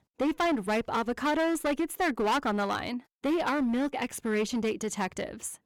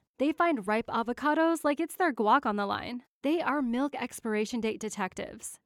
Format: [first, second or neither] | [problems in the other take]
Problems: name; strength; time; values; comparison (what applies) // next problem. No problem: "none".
second | distortion; heavy; 14% of the sound clipped